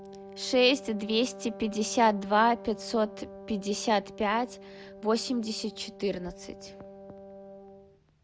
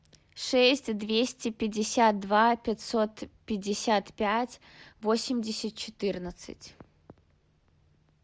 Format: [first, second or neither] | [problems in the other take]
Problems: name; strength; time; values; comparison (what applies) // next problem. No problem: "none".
second | background sound (Wind instrument, woodwind instrument); 16 dB below the speech